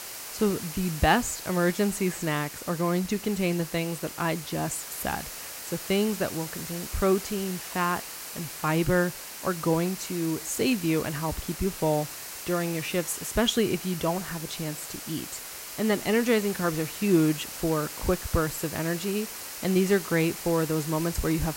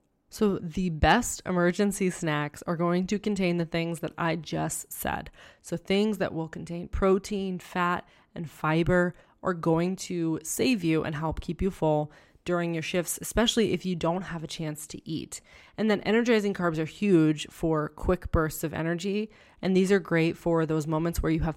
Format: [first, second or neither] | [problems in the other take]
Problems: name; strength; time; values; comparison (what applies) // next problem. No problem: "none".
second | hiss; loud; throughout; 9 dB below the speech